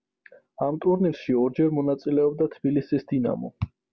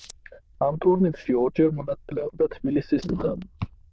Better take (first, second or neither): first